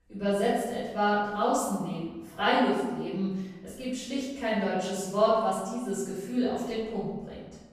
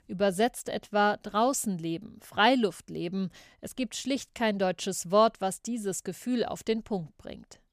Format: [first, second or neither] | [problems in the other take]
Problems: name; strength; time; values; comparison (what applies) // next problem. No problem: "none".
second | room echo; strong; dies away in 1 s // off-mic speech; far